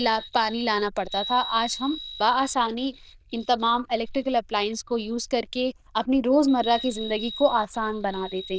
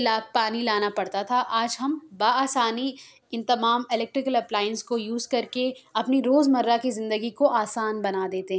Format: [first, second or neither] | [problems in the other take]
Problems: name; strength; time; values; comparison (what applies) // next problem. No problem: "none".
second | noise reduction (neural diffusion model UNIVERSE++)